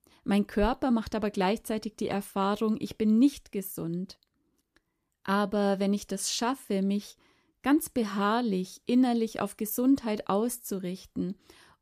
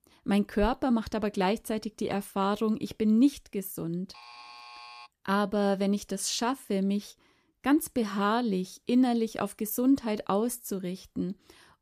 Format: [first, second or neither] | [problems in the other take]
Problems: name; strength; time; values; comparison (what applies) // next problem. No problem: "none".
first | alarm; faint; at 4 s; peak 15 dB below the speech